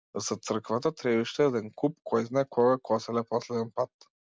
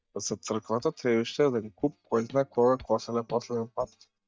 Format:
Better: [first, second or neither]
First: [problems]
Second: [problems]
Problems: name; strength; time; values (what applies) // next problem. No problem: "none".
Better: first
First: none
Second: noise reduction (neural mask model DeepFilterNet 3)